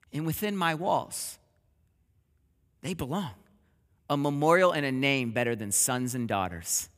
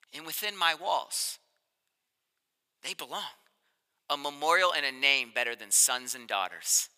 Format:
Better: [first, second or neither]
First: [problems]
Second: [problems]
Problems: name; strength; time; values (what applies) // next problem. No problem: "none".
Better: first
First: none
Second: thin; very; fading below 800 Hz